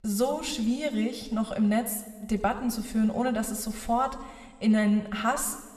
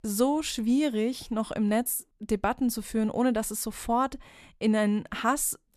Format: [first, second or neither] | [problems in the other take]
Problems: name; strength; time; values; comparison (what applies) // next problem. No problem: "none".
second | room echo; very slight; dies away in 1.7 s